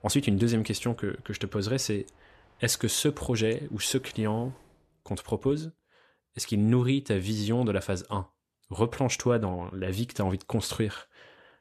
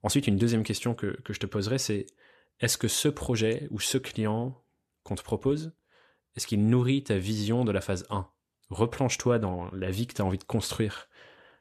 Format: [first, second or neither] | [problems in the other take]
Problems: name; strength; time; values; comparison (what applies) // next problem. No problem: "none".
second | train or aircraft noise; faint; until 4.5 s; 30 dB below the speech